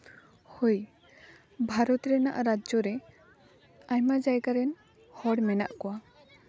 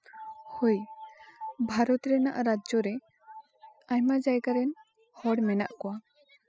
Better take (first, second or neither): first